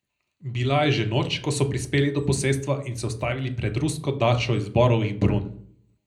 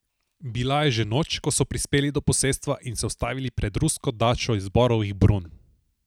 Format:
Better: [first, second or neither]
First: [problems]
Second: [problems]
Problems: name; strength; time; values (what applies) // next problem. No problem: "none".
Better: second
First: room echo; dies away in 0.5 s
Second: none